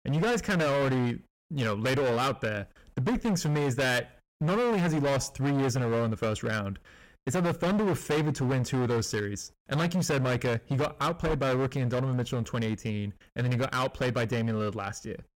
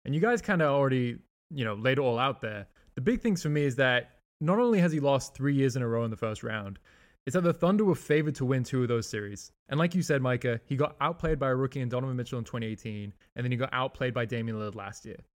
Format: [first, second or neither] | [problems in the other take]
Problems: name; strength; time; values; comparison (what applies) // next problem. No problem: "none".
second | distortion; heavy; 24% of the sound clipped